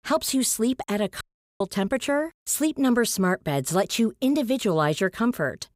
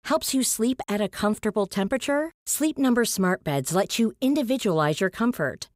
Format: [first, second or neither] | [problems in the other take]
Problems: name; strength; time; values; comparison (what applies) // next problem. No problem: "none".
second | audio cutting out; at 1 s